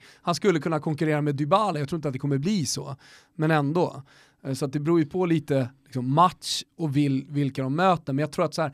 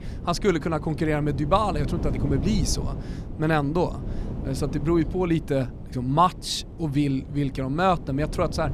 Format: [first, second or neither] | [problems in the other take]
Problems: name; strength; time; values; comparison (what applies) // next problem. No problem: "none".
first | wind noise on the microphone; occasional gusts; 15 dB below the speech